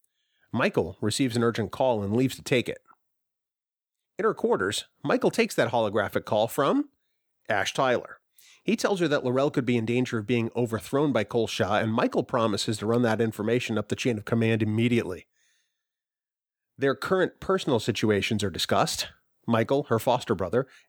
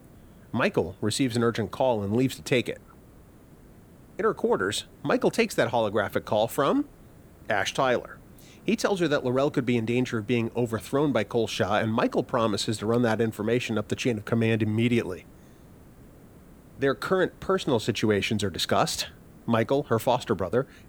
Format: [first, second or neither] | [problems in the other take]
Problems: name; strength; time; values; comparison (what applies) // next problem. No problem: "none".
first | hiss; faint; throughout; 25 dB below the speech